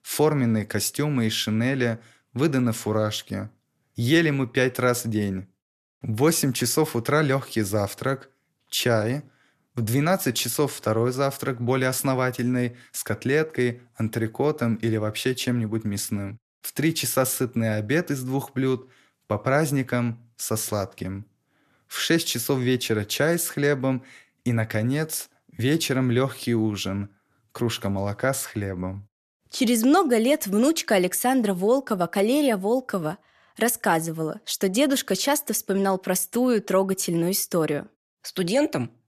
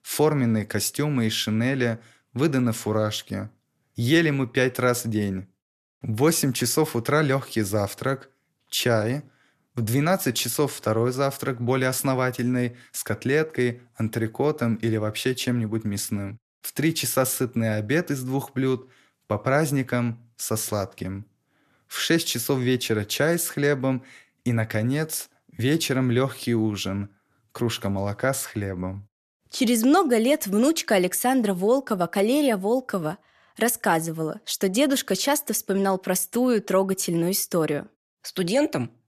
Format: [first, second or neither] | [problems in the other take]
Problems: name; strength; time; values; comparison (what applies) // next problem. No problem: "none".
neither | none